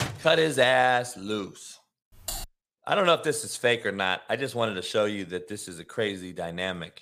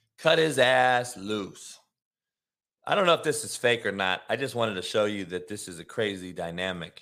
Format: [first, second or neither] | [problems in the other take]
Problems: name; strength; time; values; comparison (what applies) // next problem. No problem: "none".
second | door banging; noticeable; at the start; peak 8 dB below the speech // keyboard typing; noticeable; at 2 s; peak 9 dB below the speech